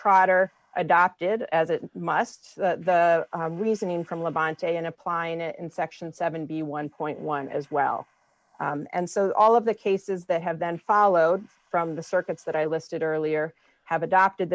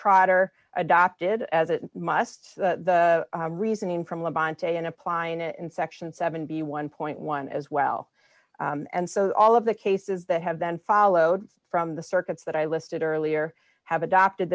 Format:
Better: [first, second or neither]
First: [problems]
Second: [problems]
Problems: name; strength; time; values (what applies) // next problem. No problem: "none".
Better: second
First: noise reduction (neural mask model Resemble Enhance denoiser)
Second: none